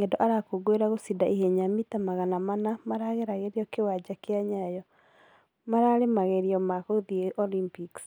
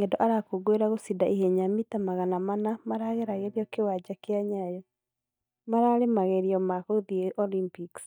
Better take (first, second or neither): first